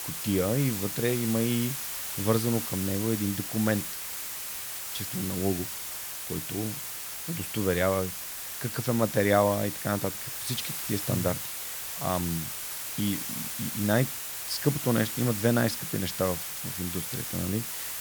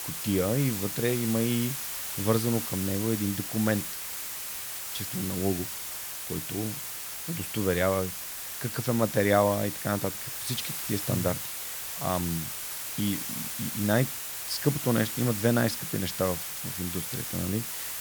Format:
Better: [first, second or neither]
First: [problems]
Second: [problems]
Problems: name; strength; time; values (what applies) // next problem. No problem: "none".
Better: neither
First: hiss; loud; throughout; 3 dB below the speech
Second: hiss; loud; throughout; 3 dB below the speech